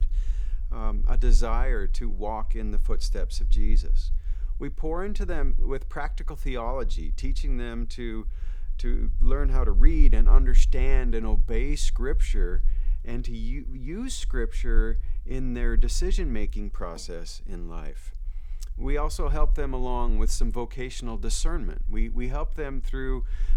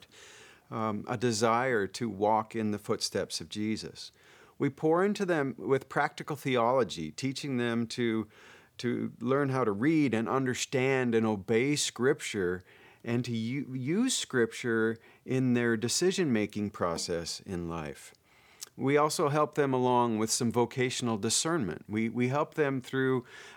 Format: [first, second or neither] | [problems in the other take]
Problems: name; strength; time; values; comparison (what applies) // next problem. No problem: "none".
second | low rumble; faint; throughout; 20 dB below the speech